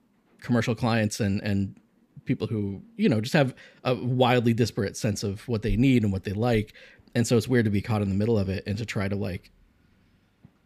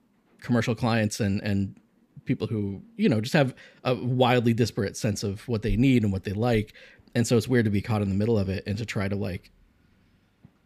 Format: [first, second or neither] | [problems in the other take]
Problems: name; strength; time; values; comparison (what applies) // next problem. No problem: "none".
neither | none